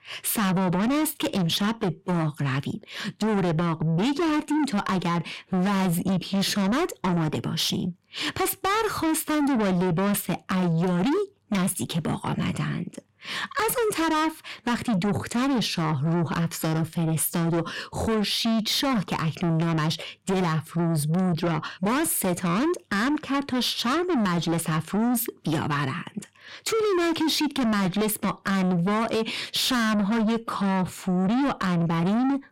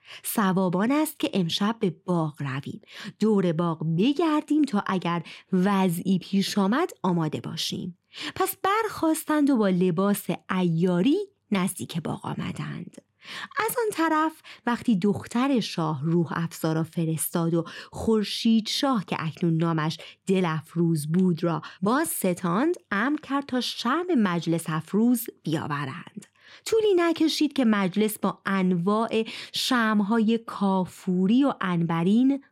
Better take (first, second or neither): second